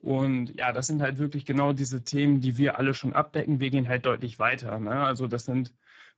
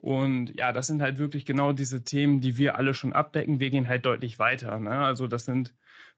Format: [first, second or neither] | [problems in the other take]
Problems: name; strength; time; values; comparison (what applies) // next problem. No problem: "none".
second | garbled, watery; badly; nothing above 7.5 kHz; slightly in the second